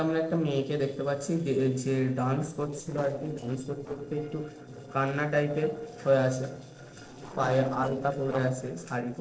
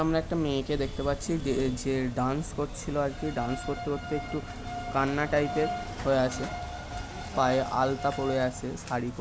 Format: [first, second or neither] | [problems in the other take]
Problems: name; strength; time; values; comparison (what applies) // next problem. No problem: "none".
second | noise reduction (neural separator model SepFormer DNS4)